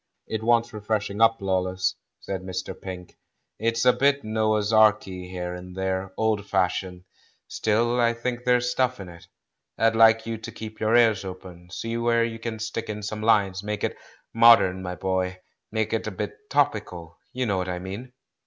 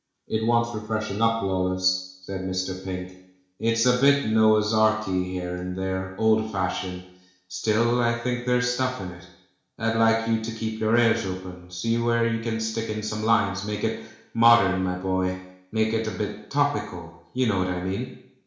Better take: first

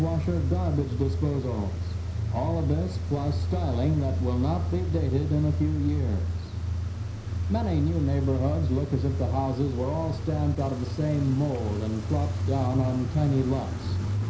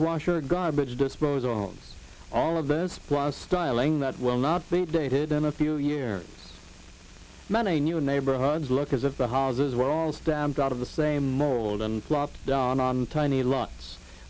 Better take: second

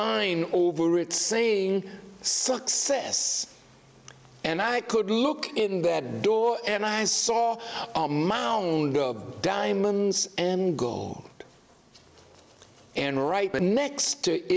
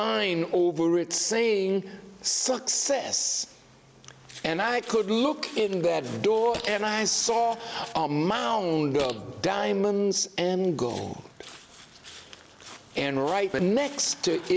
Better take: first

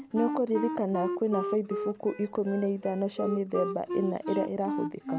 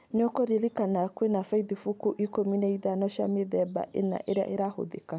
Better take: second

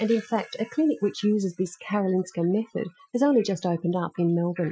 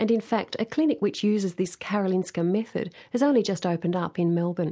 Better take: second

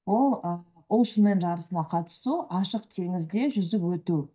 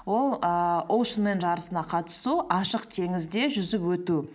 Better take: second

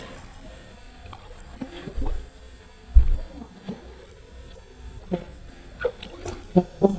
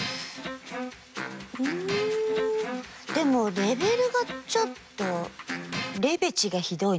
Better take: second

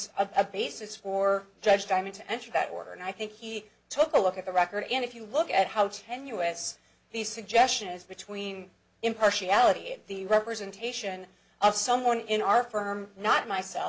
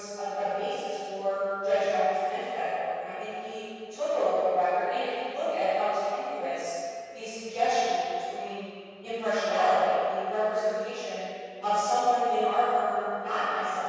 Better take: first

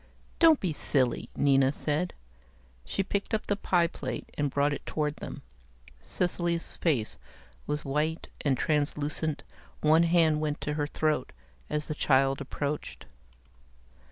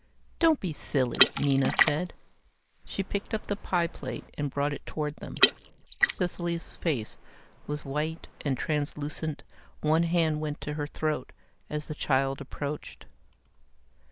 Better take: first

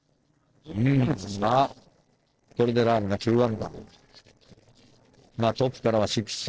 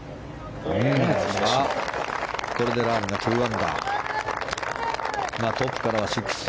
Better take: second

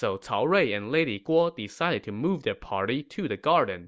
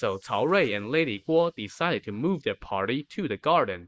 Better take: first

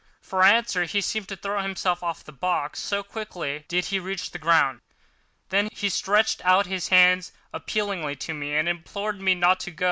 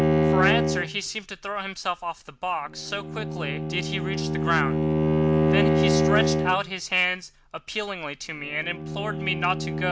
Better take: first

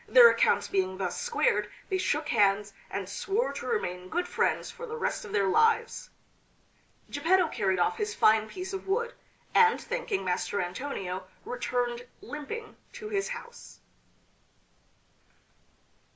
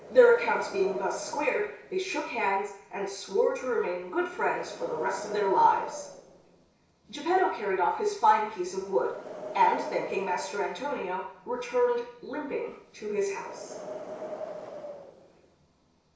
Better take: first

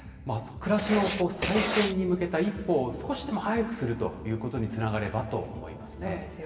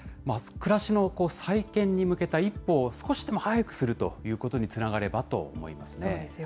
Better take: second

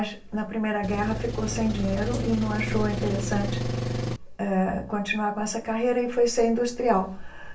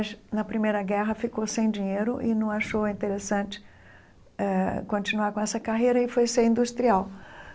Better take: second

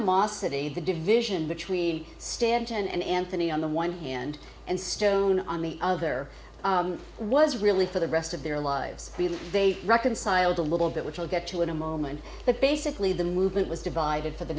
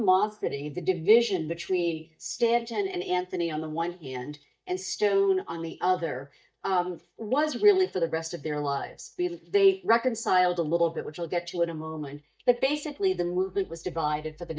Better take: first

